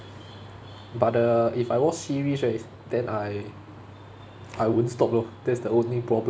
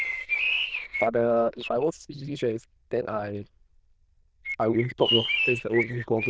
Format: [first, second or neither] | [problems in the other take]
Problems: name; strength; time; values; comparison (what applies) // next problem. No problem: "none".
first | noise reduction (neural diffusion model UNIVERSE++)